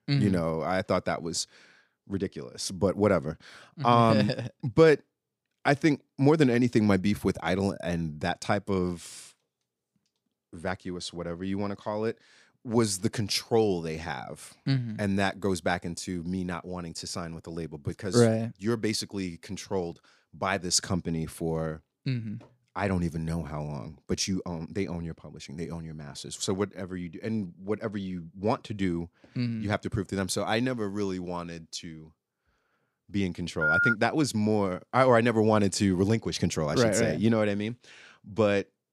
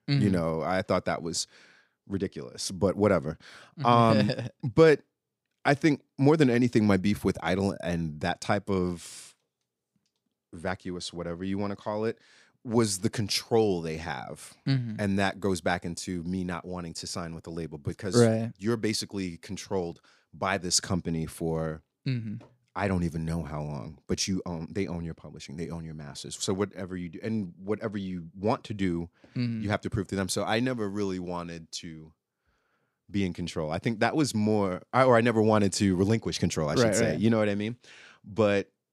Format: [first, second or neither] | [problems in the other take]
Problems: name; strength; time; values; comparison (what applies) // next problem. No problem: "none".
second | phone ringing; loud; at 34 s; peak 5 dB above the speech